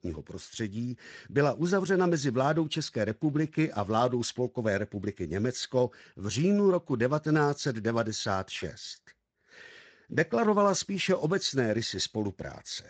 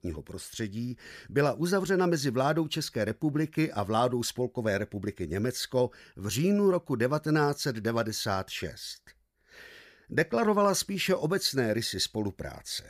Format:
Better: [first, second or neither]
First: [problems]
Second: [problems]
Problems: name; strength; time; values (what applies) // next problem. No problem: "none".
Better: second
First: garbled, watery; slightly; nothing above 7.5 kHz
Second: none